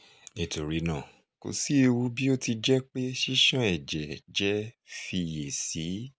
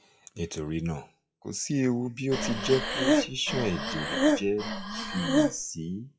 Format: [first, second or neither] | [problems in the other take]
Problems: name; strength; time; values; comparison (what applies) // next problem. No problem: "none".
first | noise reduction (classical method WPE with log-MMSE)